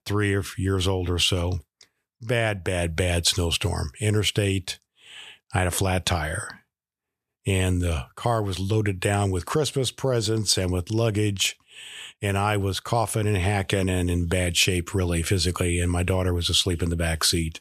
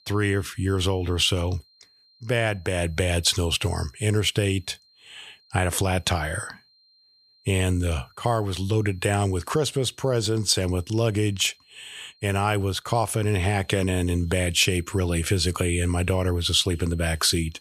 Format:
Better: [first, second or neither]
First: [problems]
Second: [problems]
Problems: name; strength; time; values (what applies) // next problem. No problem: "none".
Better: first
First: none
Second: high-pitched whine; faint; throughout; 4 kHz, 35 dB below the speech